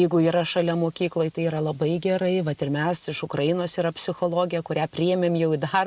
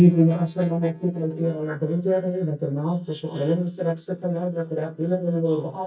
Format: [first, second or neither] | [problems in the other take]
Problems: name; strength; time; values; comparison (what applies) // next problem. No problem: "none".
first | noise reduction (neural mask model DeepFilterNet 3)